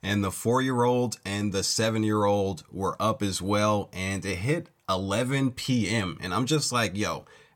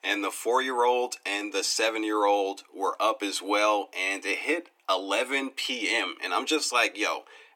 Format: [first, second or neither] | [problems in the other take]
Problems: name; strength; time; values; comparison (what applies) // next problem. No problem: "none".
first | thin; very; fading below 300 Hz